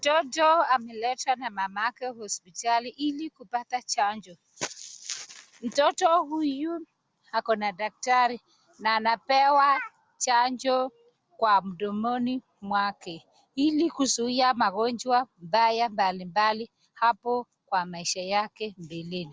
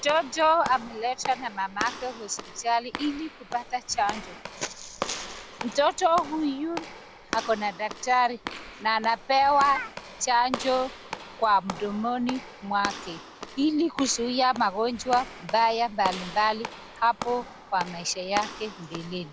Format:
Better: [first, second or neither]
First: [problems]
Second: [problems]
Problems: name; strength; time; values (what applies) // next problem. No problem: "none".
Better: first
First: none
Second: background sound (Walk, footsteps / Slam); 12 dB below the speech